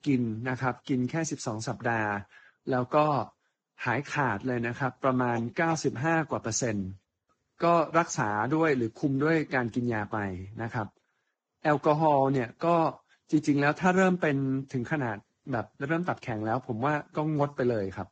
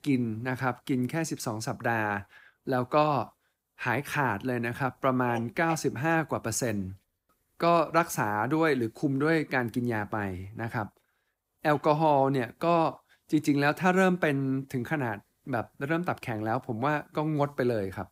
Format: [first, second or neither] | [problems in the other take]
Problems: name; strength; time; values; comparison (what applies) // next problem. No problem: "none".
second | garbled, watery; badly; nothing above 7.5 kHz